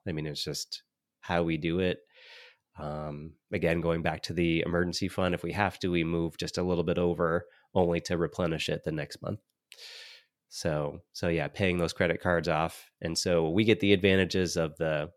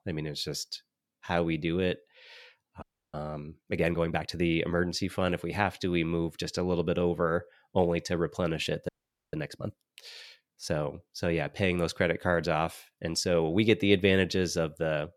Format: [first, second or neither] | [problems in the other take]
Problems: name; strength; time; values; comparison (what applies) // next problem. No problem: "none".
first | audio freezing; at 3 s and at 9 s